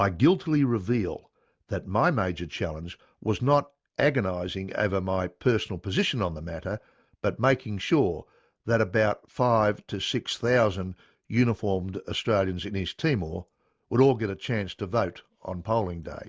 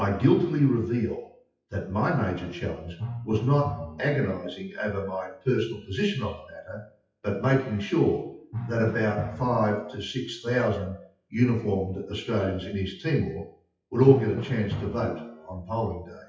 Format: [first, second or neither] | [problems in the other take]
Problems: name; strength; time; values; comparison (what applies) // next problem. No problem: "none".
first | noise reduction (classical method WPE with log-MMSE)